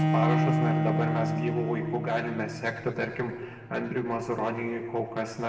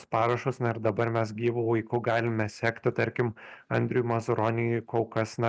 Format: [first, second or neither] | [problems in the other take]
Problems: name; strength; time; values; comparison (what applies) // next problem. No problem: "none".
second | background sound (Bowed string instrument); as loud as the speech // room echo; dies away in 1.6 s